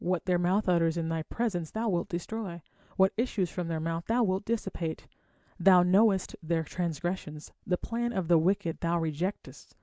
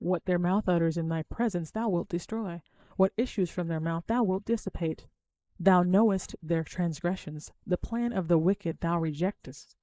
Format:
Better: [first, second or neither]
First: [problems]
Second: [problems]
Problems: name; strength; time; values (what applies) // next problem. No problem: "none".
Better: first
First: none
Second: noise reduction (neural mask model Resemble Enhance denoiser)